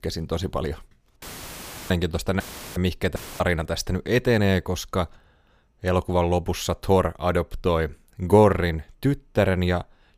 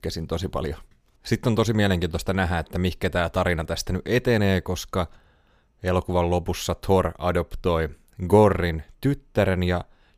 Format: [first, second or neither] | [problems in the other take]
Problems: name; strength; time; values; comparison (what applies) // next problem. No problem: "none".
second | audio cutting out; filled with static; at 1 s for 0.5 s, at 2.5 s and at 3 s